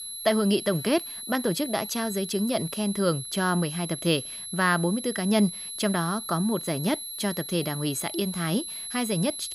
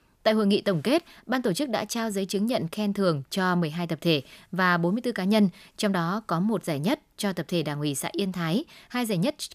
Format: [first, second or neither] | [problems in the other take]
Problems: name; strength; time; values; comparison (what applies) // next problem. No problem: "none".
second | high-pitched whine; loud; throughout; 11 kHz, 7 dB below the speech